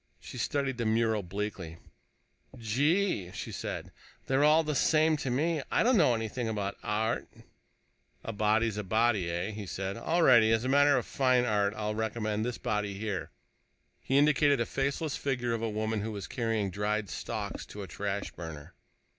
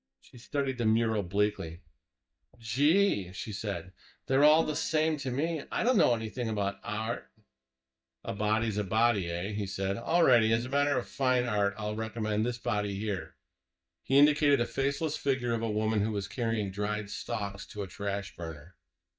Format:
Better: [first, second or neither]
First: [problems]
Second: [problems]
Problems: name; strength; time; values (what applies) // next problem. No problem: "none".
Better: first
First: none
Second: noise reduction (neural mask model DeepFilterNet 3)